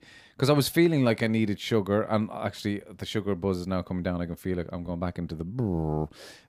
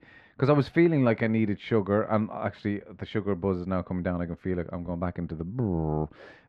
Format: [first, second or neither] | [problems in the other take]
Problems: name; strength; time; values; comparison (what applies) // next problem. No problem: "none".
first | muffled; very; fading above 2 kHz